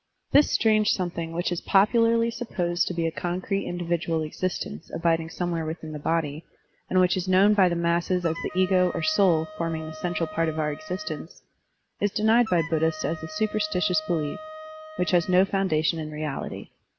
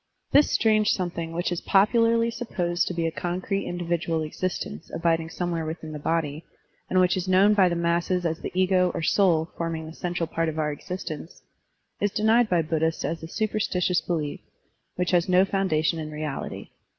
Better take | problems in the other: second | background sound (Wind instrument, woodwind instrument); 15 dB below the speech

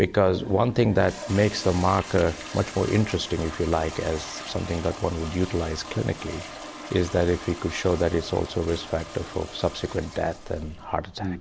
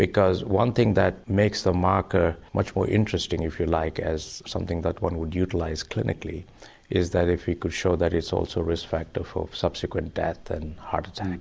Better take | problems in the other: second | background sound (Toilet flush); 14 dB below the speech

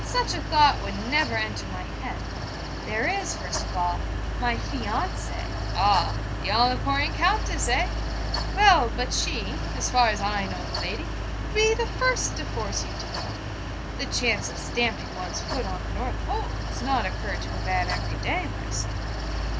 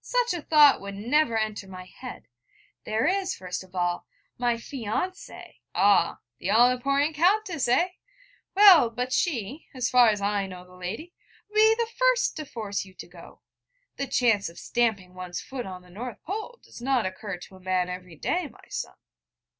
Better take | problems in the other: second | background sound (Mechanical fan); 2 dB below the speech

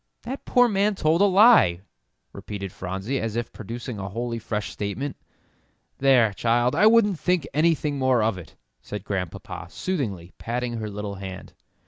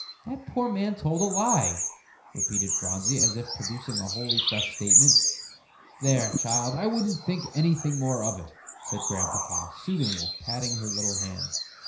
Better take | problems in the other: first | background sound (Bird vocalization, bird call, bird song); 1 dB above the speech // room echo; dies away in 0.5 s

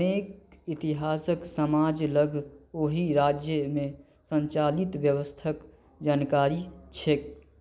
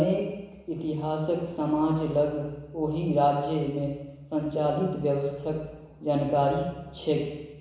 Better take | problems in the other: first | room echo; dies away in 1 s

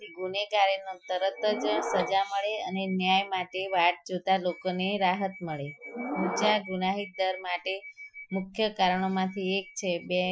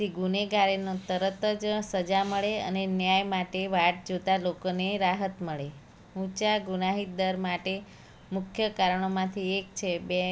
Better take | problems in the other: second | noise reduction (classical method Wiener filter)

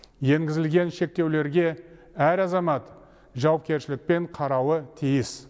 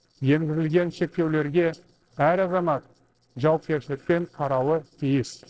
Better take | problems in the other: first | noise reduction (neural separator model SepFormer DNS4)

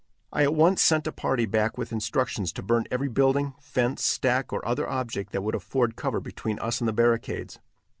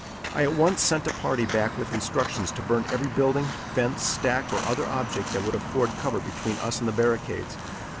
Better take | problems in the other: first | background sound (Walk, footsteps); 7 dB below the speech

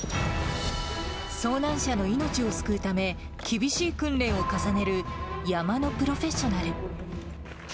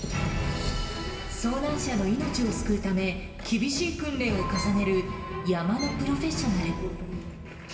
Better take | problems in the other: first | background sound (Bowed string instrument); 17 dB below the speech // room echo; dies away in 1.3 s

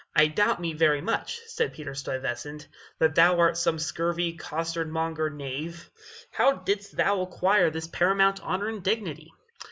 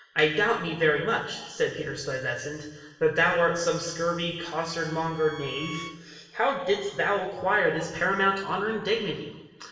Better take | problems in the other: first | background sound (Bowed string instrument); 19 dB below the speech // room echo; dies away in 1.2 s

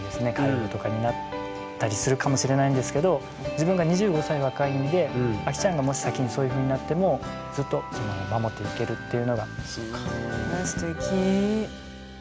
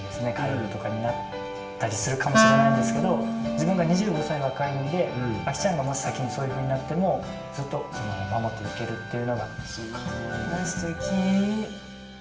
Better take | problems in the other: first | background sound (Wind instrument, woodwind instrument); 2 dB above the speech // room echo; dies away in 0.6 s

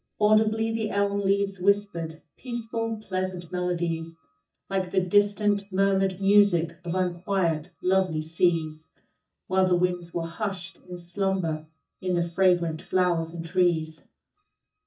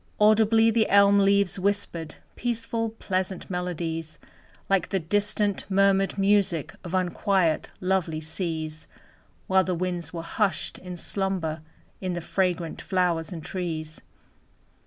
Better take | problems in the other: second | noise reduction (neural mask model DeepFilterNet 3)

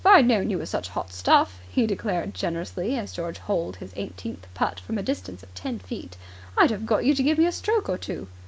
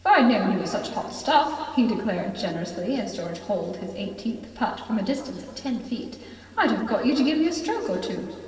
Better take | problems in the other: first | room echo; dies away in 2.4 s

